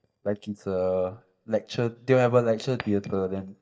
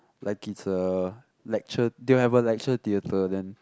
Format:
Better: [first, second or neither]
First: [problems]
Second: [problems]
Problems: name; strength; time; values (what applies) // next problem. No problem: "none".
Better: second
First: noise reduction (neural mask model DeepFilterNet 3)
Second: none